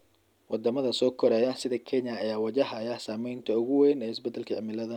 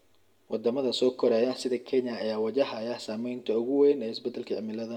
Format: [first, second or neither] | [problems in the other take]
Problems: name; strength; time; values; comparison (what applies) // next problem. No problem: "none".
first | room echo; dies away in 0.6 s